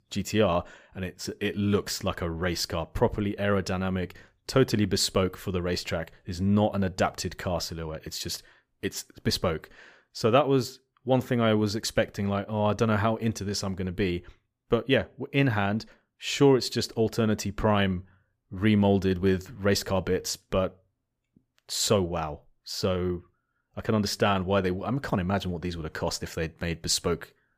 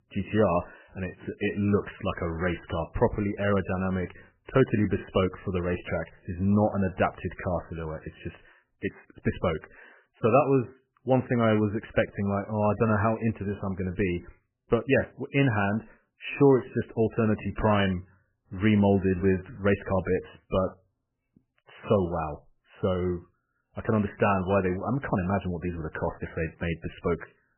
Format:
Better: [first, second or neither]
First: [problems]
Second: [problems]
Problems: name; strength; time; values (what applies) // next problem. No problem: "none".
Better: first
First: none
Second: garbled, watery; badly; nothing above 3 kHz